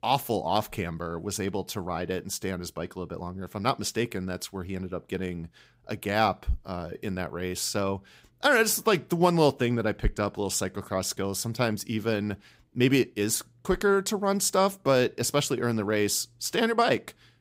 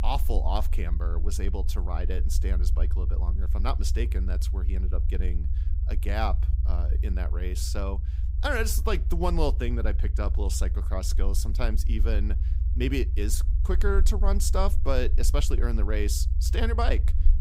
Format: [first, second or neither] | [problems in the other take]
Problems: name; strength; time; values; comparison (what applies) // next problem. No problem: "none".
first | low rumble; noticeable; throughout; 15 dB below the speech